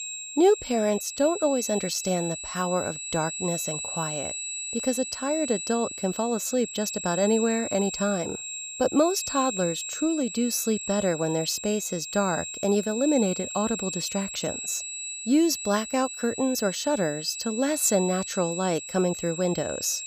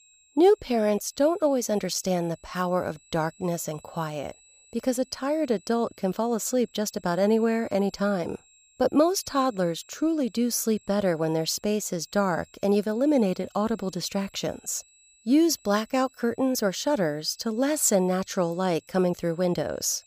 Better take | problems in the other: second | high-pitched whine; loud; throughout; 7.5 kHz, 6 dB below the speech; faint in the second

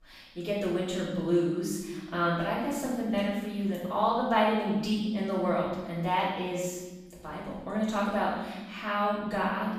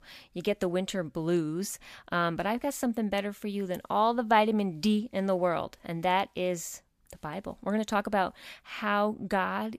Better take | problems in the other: second | room echo; strong; dies away in 1.2 s // off-mic speech; far

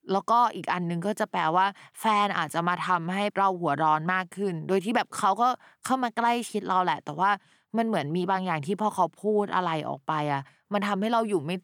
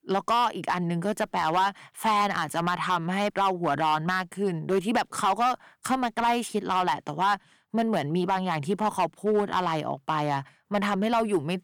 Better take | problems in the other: first | distortion; slight; 5% of the sound clipped

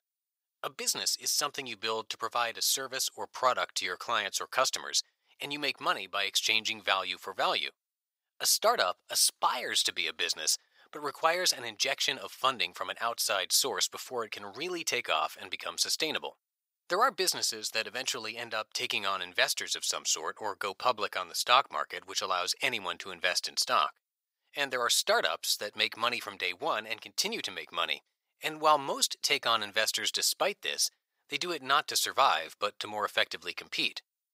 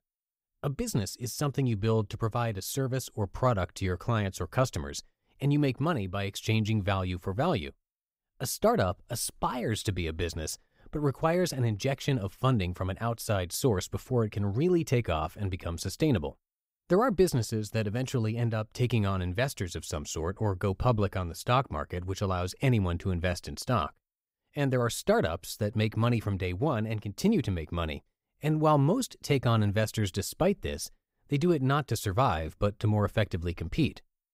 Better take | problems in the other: second | thin; very; fading below 900 Hz

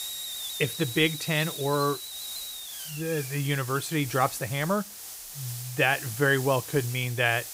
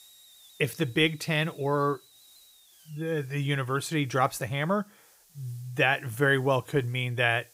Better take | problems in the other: second | hiss; loud; throughout; 8 dB below the speech; faint in the second

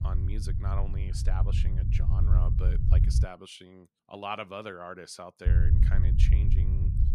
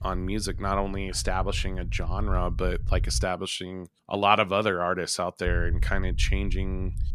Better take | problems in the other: second | low rumble; loud; until 3.5 s and from 5.5 s on; 3 dB below the speech; faint in the second

